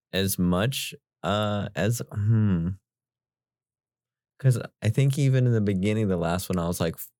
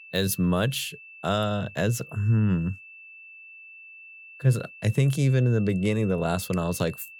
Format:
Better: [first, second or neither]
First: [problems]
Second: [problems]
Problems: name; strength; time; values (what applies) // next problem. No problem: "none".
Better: first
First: none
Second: high-pitched whine; noticeable; throughout; 2.5 kHz, 20 dB below the speech